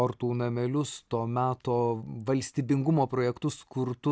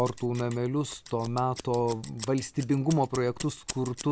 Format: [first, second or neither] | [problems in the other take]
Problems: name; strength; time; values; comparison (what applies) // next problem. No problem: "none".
first | background sound (Scissors); 15 dB below the speech